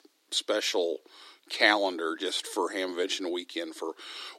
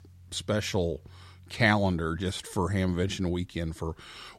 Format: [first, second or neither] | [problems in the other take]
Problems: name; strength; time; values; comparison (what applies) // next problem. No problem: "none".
second | thin; very; fading below 300 Hz